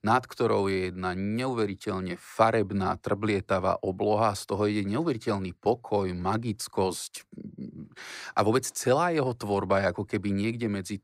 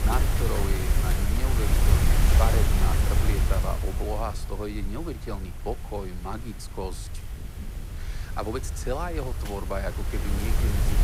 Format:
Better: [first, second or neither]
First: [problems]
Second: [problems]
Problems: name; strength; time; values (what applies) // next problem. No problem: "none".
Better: first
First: none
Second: wind noise on the microphone; heavy; as loud as the speech